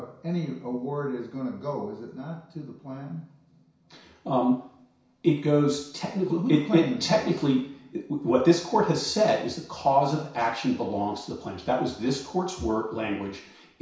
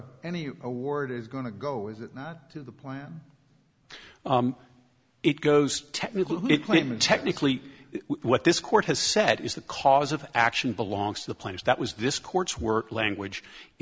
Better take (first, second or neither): second